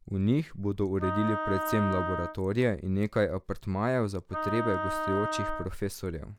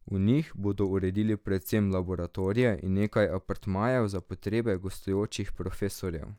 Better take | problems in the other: second | background sound (Wind instrument, woodwind instrument); 4 dB below the speech

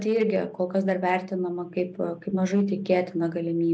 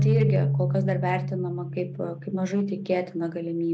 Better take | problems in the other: first | background sound (Keyboard (musical)); as loud as the speech

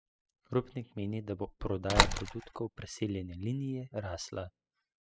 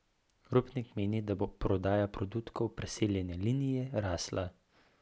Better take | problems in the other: second | noise reduction (classical method spectral subtraction)

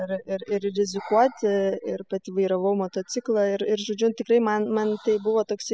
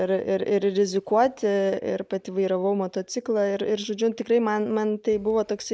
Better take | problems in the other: second | noise reduction (classical method spectral subtraction)

